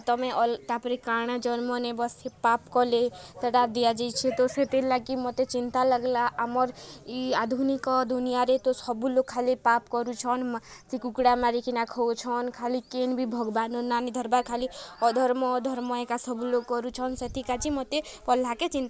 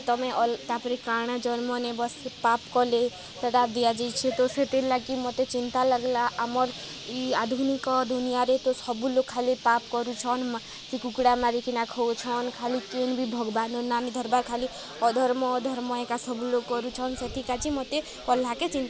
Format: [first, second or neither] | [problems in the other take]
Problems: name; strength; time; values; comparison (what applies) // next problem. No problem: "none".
first | background sound (Bird); 16 dB below the speech